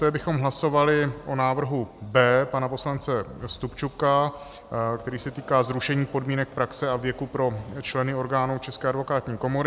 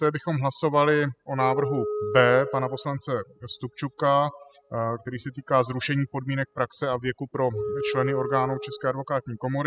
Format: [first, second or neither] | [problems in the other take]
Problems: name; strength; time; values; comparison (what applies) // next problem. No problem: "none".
first | noise reduction (classical method spectral subtraction)